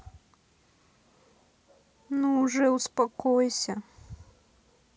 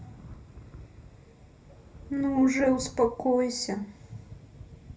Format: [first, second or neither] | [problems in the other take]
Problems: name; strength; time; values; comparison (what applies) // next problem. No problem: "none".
first | background sound (Thunder / Rain); 17 dB below the speech // room echo; dies away in 0.3 s